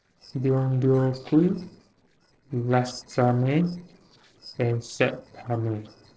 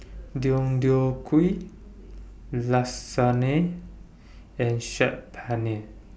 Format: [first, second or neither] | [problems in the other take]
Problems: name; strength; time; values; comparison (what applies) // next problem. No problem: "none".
second | noise reduction (neural separator model SepFormer DNS4)